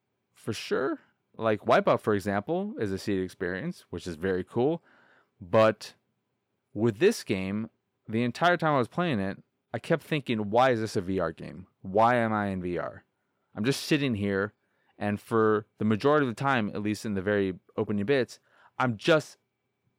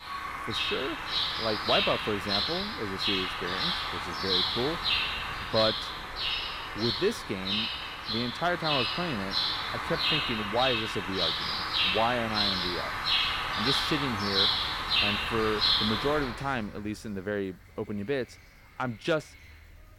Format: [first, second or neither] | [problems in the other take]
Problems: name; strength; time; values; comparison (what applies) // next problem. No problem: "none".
first | animal sounds; very loud; throughout; 5 dB above the speech